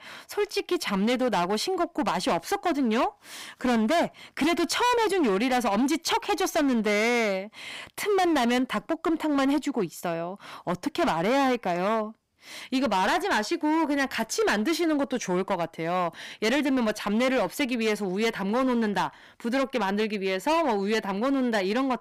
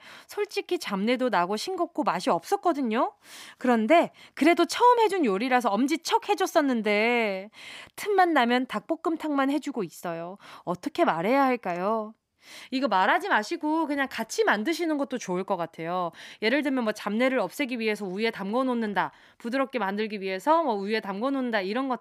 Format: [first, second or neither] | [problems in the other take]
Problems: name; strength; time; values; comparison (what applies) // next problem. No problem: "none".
second | distortion; heavy; 16% of the sound clipped